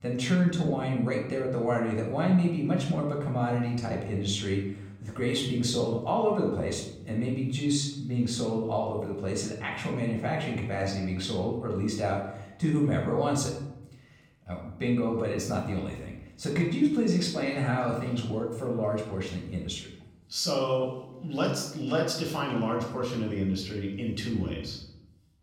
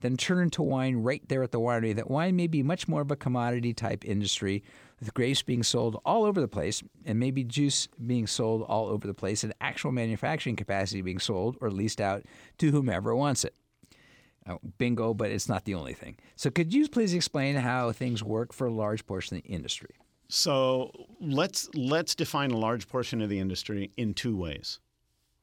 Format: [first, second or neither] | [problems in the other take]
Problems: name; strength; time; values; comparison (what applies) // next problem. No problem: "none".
second | off-mic speech; far // room echo; noticeable; dies away in 0.8 s